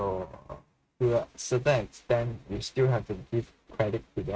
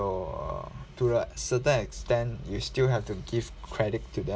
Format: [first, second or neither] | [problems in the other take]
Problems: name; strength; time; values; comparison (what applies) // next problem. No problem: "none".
second | noise reduction (neural mask model RNNoise)